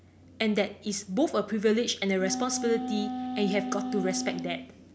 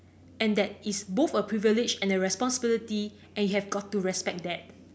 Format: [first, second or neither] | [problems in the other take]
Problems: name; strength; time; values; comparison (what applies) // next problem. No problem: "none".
second | background sound (Wind instrument, woodwind instrument); 5 dB below the speech